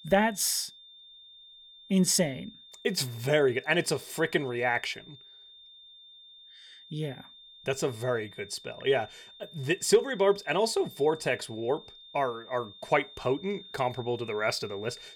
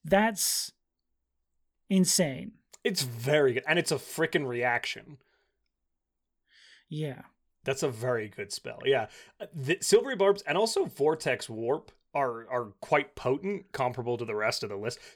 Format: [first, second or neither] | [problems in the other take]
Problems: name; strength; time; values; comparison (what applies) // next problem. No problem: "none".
second | high-pitched whine; noticeable; throughout; 3.5 kHz, 20 dB below the speech